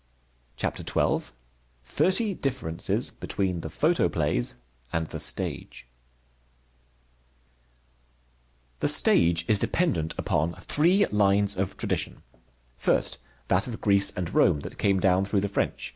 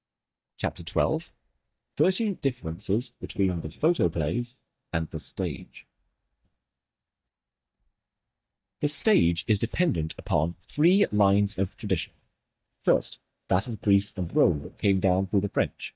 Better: first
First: none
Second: noise reduction (neural mask model DeepFilterNet 3)

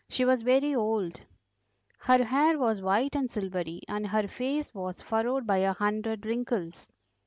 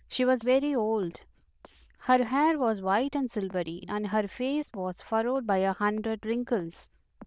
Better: first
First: none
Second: noise reduction (neural diffusion model UNIVERSE++)

